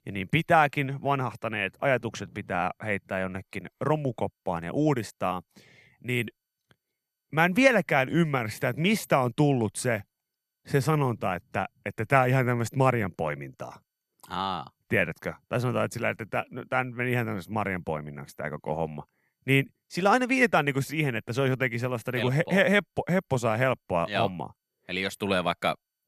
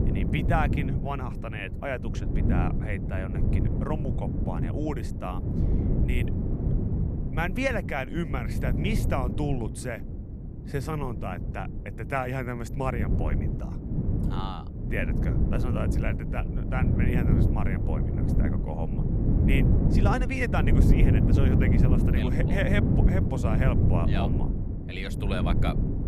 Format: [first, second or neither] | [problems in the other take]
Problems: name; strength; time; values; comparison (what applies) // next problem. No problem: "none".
first | wind noise on the microphone; heavy; 3 dB below the speech